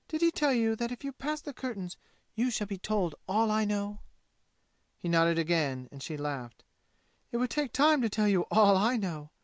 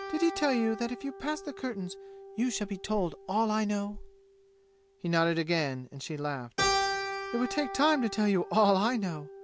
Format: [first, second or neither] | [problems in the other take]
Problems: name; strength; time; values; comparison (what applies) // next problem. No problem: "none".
first | background sound (Keyboard (musical)); 8 dB below the speech